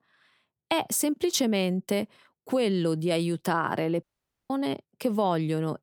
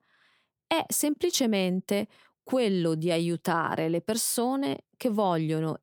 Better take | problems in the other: second | audio cutting out; at 4 s

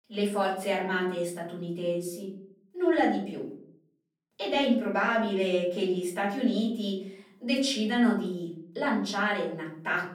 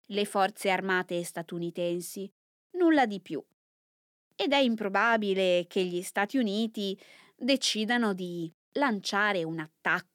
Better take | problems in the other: second | off-mic speech; far // room echo; slight; dies away in 0.5 s

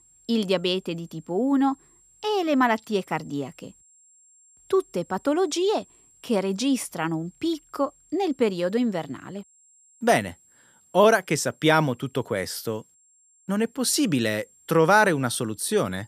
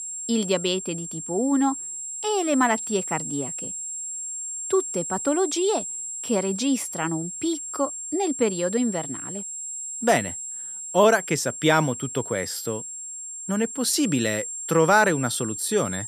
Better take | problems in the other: first | high-pitched whine; loud; throughout; 7.5 kHz, 6 dB below the speech; faint in the first

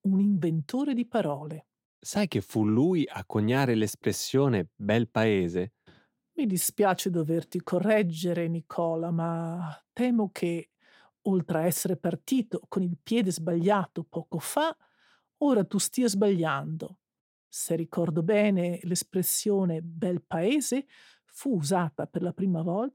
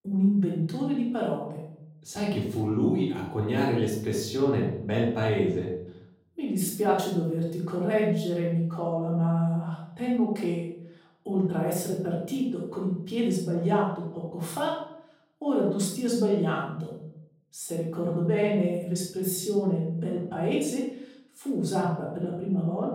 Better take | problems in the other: first | off-mic speech; far // room echo; noticeable; dies away in 0.6 s

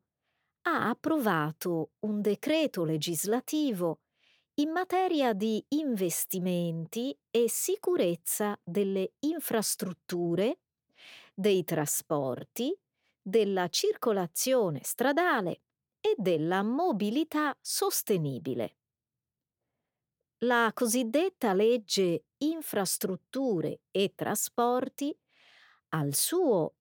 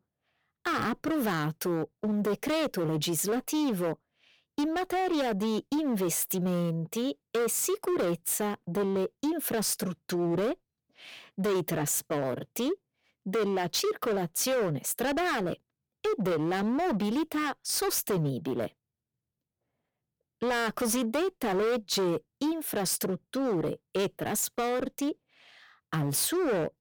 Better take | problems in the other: first | distortion; heavy; 17% of the sound clipped

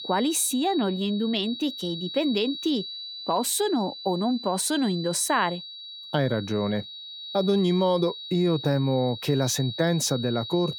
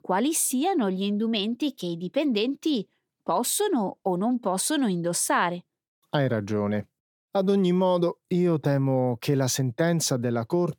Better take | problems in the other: second | high-pitched whine; loud; throughout; 4 kHz, 10 dB below the speech

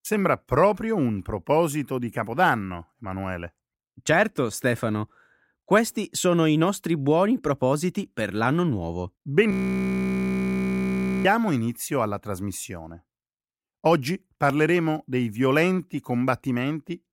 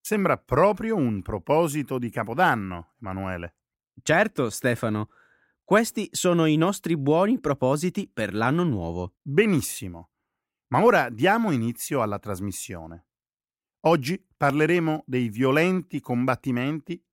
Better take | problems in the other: second | audio freezing; at 9.5 s for 1.5 s

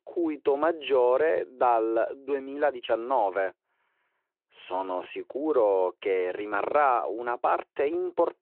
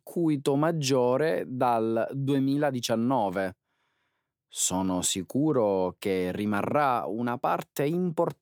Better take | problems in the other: second | phone-call audio

